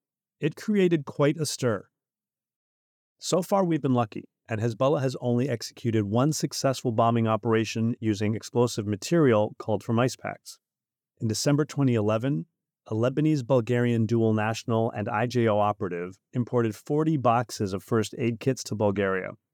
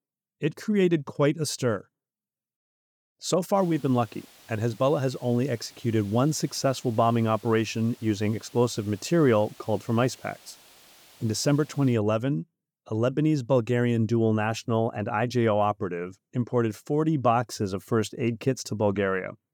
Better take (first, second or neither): first